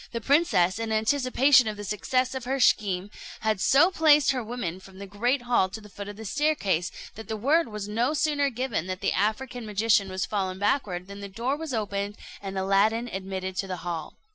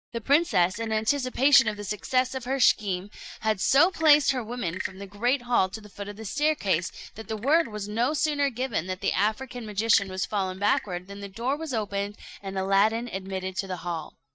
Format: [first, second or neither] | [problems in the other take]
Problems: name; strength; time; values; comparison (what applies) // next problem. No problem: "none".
first | noise reduction (neural mask model DeepFilterNet 3)